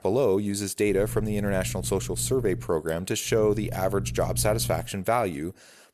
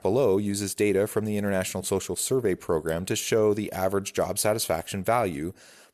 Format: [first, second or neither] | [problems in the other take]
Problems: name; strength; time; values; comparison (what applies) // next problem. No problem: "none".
second | low rumble; faint; from 1 to 2.5 s and from 3.5 to 5 s; 20 dB below the speech